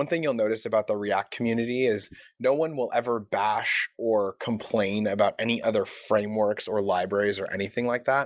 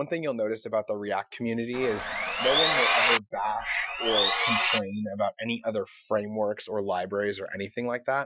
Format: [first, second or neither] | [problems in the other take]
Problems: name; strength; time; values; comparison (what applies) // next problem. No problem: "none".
first | noise reduction (classical method Wiener filter)